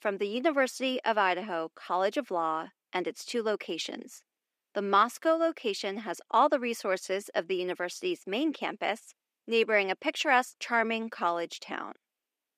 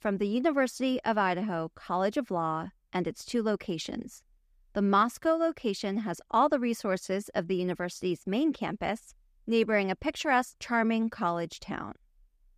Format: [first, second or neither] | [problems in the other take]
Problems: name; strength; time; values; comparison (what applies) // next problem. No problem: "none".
second | thin; somewhat; fading below 300 Hz